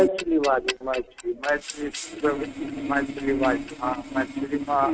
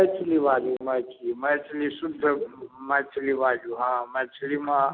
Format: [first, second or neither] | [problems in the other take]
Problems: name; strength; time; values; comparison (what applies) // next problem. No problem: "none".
second | noise reduction (neural mask model RNNoise)